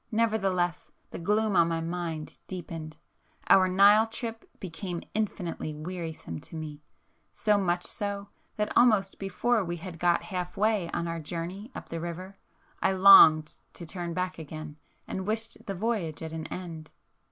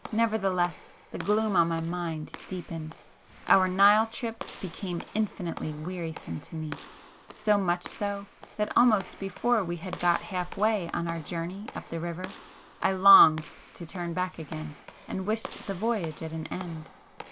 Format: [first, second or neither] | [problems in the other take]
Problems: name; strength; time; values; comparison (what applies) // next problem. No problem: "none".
first | background sound (Walk, footsteps / Slam); 17 dB below the speech